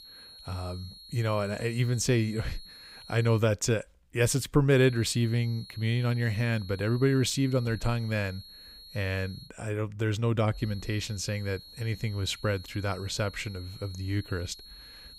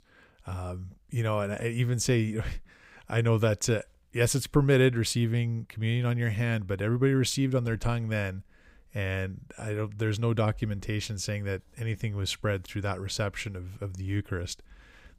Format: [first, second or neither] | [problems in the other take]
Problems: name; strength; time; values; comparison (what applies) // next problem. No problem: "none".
second | high-pitched whine; noticeable; until 3.5 s, from 5 to 9.5 s and from 11 s on; 4.5 kHz, 20 dB below the speech